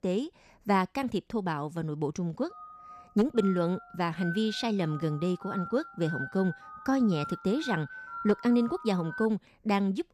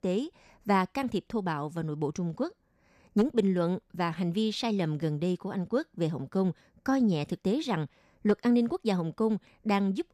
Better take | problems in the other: second | phone ringing; noticeable; from 2.5 to 9.5 s; peak 8 dB below the speech

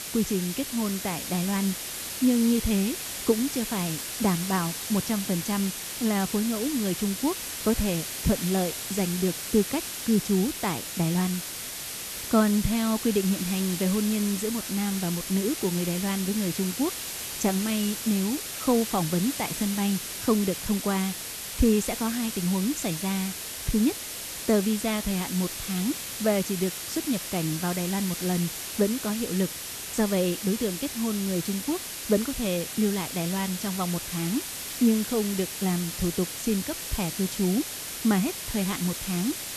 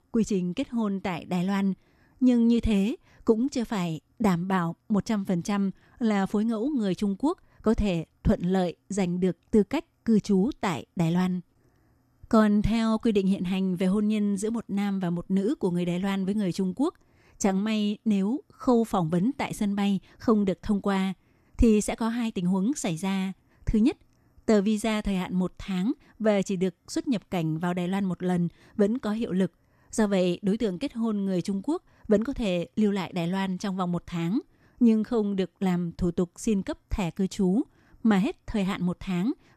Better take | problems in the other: second | hiss; loud; throughout; 5 dB below the speech

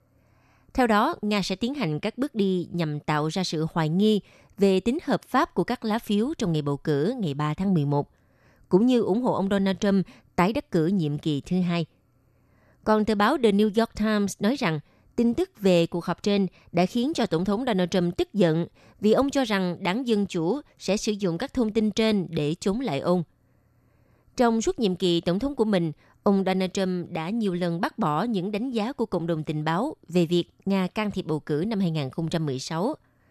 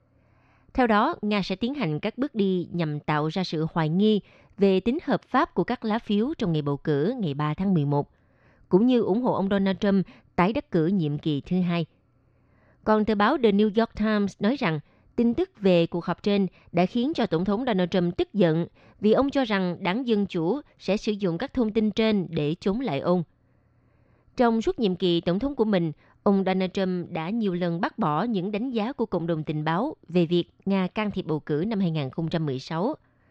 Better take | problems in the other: first | muffled; very slightly; fading above 4 kHz

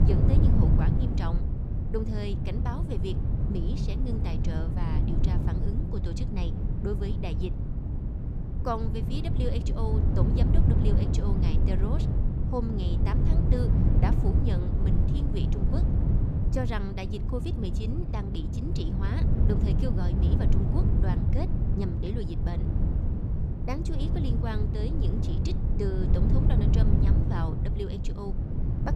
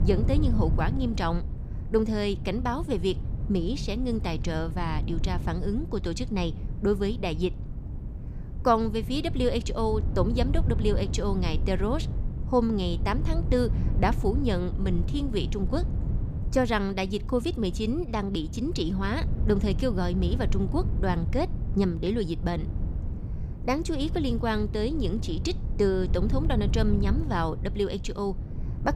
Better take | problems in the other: second | wind noise on the microphone; heavy; as loud as the speech; occasional gusts in the second

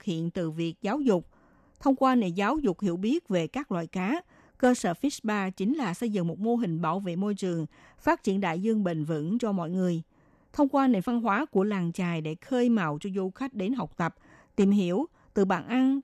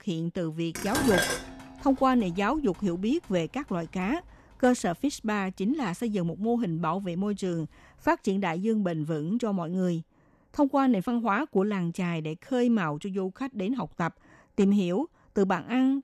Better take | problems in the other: first | clattering dishes; loud; at 1 s; peak 2 dB above the speech

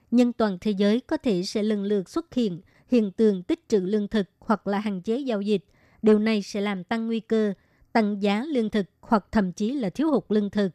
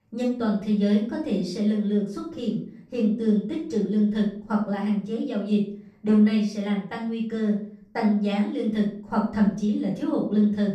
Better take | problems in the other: first | off-mic speech; far // room echo; noticeable; dies away in 0.4 s

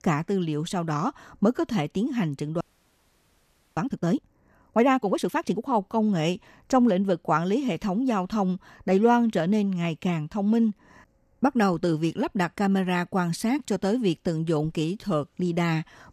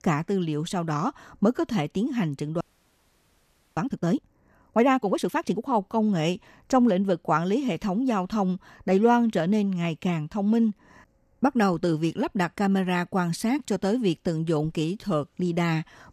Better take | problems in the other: neither | audio freezing; at 2.5 s for 1 s; the same in both

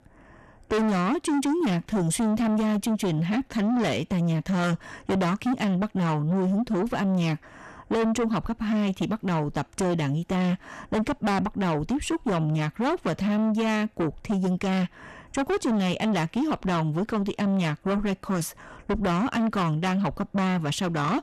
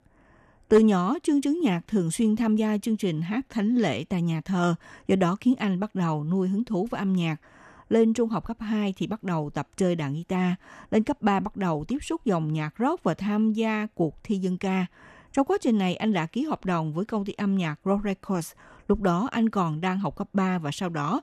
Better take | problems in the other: second | distortion; heavy; 7 dB below the speech

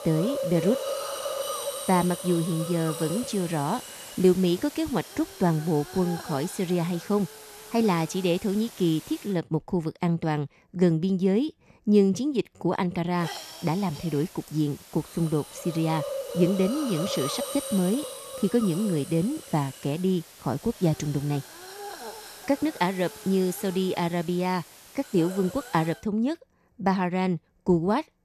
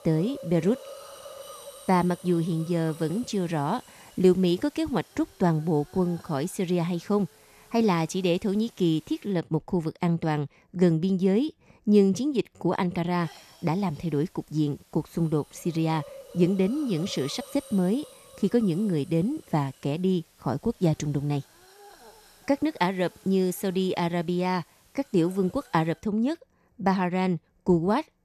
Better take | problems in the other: second | hiss; loud; until 9.5 s and from 13 to 26 s; 10 dB below the speech; faint in the second

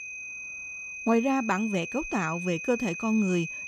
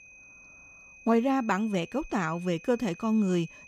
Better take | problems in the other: second | high-pitched whine; loud; throughout; 2.5 kHz, 8 dB below the speech; faint in the second

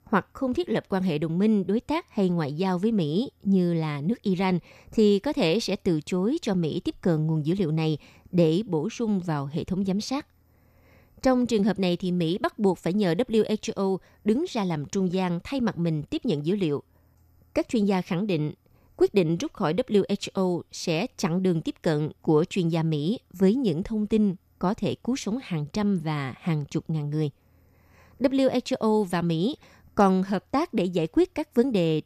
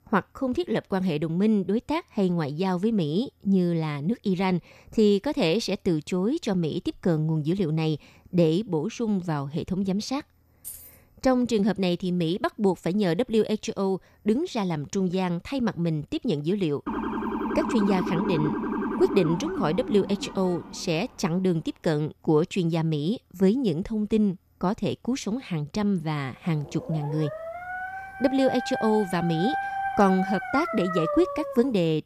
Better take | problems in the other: first | jangling keys; faint; at 11 s; peak 15 dB below the speech // siren; noticeable; from 17 to 21 s; peak 2 dB below the speech // dog barking; noticeable; from 27 s on; peak 2 dB below the speech

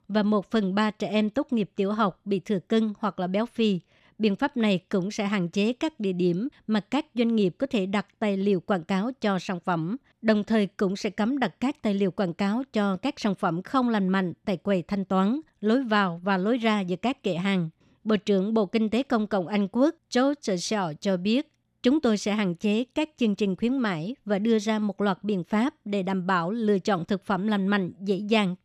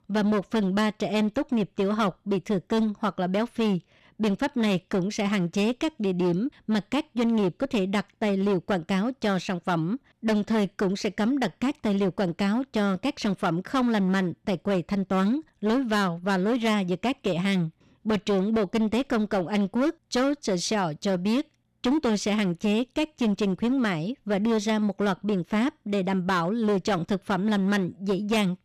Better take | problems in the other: first | distortion; slight; 13% of the sound clipped

